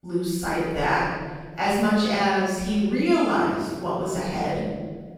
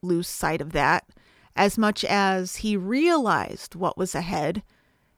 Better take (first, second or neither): second